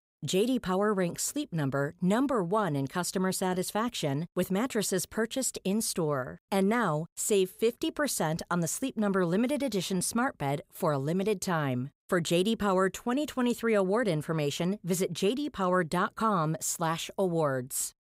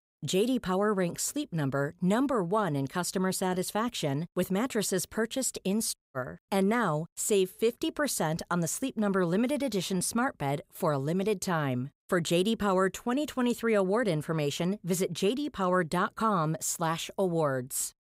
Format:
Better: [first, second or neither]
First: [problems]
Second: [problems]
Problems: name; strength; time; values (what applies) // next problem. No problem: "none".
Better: first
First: none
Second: audio cutting out; at 6 s